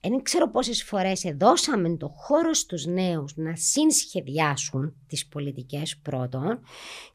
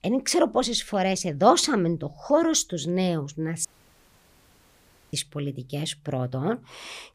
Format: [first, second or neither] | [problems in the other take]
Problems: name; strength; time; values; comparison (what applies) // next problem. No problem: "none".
first | audio cutting out; at 3.5 s for 1.5 s